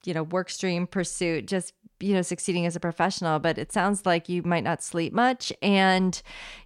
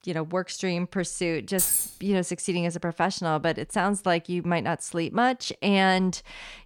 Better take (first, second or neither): first